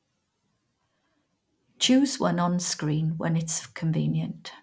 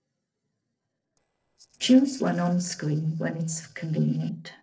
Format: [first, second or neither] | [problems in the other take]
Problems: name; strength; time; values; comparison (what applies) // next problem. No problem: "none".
first | noise reduction (neural separator model SepFormer DNS4)